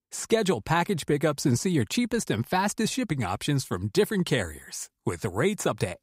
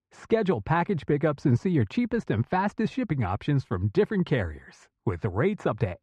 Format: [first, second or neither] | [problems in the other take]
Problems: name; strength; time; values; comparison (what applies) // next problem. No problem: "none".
first | muffled; very; fading above 2 kHz